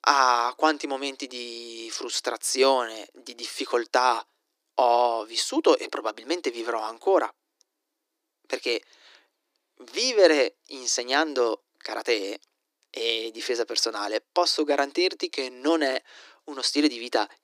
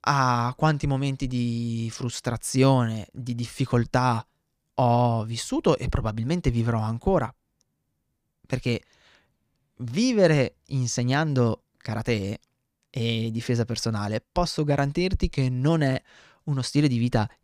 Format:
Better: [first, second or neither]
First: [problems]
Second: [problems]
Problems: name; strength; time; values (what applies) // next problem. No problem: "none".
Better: second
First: thin; very; fading below 300 Hz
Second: none